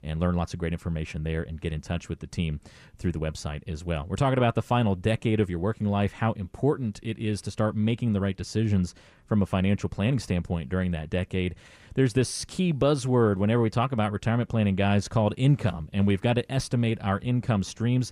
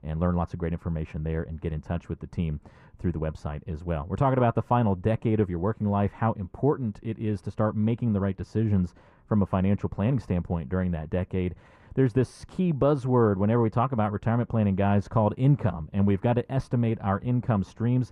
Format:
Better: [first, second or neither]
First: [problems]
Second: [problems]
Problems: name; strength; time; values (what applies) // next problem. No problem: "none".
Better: first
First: none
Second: muffled; very; fading above 2.5 kHz